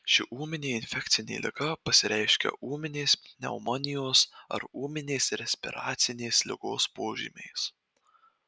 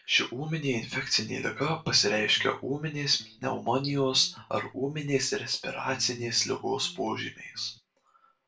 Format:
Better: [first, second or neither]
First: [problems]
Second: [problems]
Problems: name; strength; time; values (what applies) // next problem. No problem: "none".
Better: first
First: none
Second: noise reduction (neural separator model SepFormer DNS4)